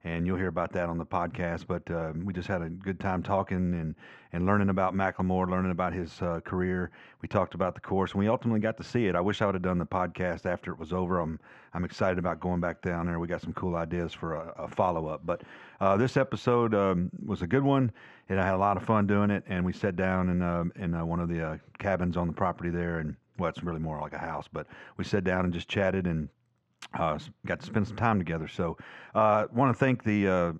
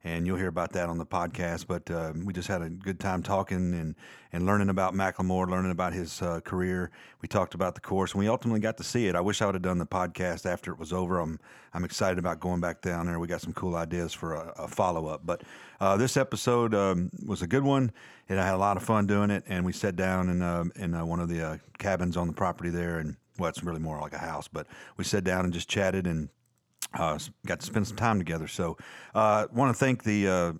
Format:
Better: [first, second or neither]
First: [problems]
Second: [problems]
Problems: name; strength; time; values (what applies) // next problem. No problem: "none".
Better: second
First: muffled; slightly; fading above 3 kHz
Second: none